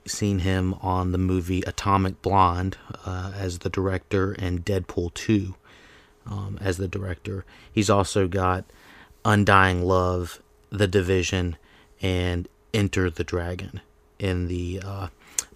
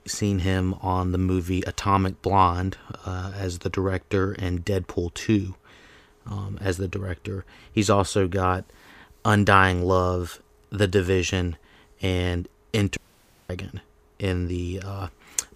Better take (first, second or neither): first